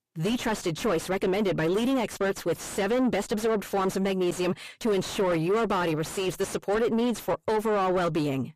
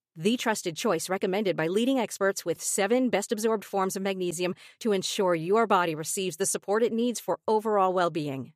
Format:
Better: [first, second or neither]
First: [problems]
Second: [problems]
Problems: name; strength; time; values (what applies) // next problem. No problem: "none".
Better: second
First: distortion; heavy; 5 dB below the speech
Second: none